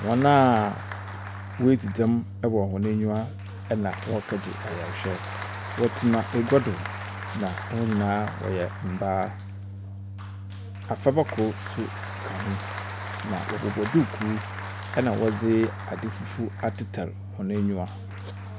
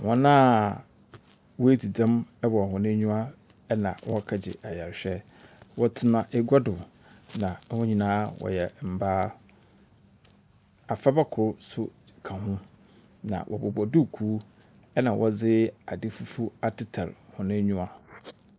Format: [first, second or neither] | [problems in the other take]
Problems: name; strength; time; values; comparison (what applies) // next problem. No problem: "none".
second | background sound (Applause + Organ); 8 dB below the speech